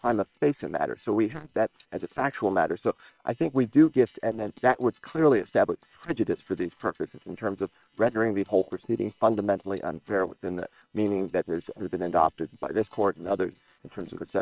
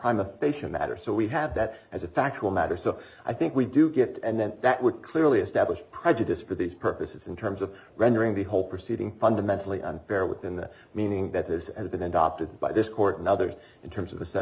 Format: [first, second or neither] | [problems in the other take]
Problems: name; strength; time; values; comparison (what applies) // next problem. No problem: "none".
second | noise reduction (neural separator model SepFormer WHAM!)